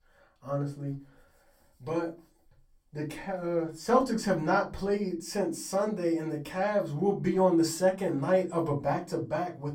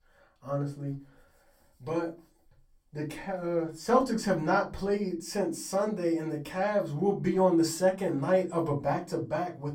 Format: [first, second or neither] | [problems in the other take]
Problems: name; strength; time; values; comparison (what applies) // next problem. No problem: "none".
neither | off-mic speech; far; the same in both // room echo; very slight; dies away in 0.3 s; the same in both